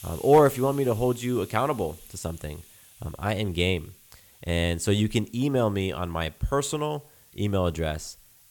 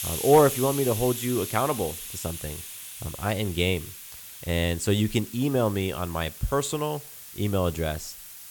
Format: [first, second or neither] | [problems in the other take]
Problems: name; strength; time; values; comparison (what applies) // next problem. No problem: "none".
first | hiss; loud; throughout; 10 dB below the speech; faint in the first